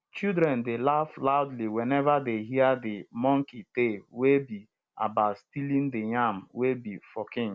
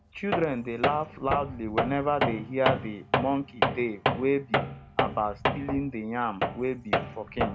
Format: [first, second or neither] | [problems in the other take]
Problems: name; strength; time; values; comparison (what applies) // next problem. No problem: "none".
first | background sound (Tools); as loud as the speech